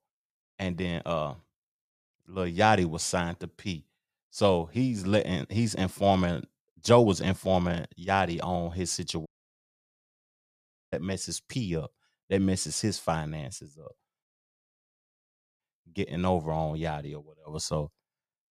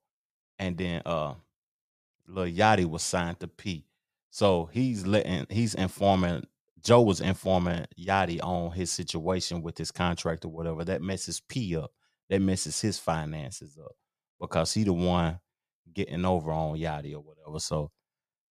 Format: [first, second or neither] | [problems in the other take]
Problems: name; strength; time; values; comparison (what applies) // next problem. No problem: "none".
second | audio cutting out; at 9.5 s for 1.5 s and at 14 s for 1.5 s